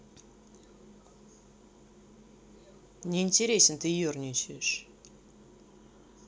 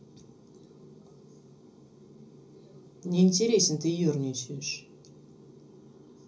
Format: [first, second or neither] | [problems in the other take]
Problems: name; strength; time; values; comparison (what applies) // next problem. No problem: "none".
first | room echo; dies away in 0.5 s